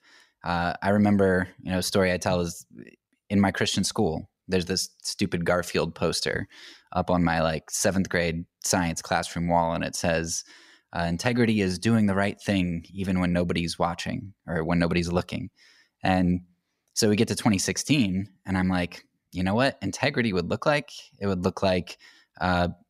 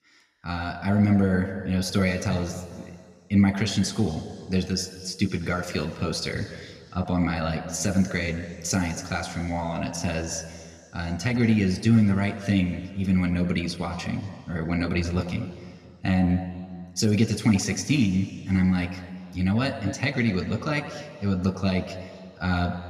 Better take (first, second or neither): first